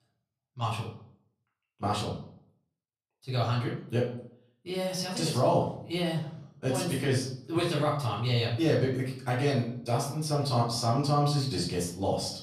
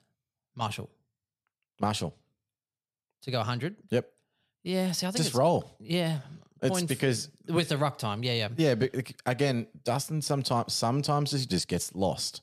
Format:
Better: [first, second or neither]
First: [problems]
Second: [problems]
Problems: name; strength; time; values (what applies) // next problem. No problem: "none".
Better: second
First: room echo; slight; dies away in 0.5 s // off-mic speech; far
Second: none